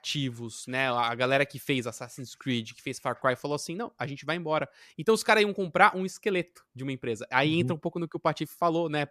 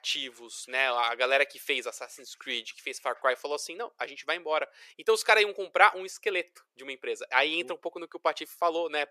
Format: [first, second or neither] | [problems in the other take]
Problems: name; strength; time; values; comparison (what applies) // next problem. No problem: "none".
first | thin; very; fading below 450 Hz